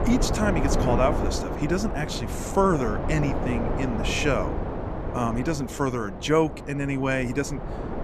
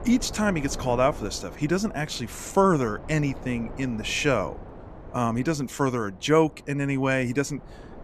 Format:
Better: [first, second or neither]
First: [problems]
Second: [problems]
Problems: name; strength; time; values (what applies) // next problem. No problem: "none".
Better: second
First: wind noise on the microphone; heavy; 5 dB below the speech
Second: wind noise on the microphone; occasional gusts; 20 dB below the speech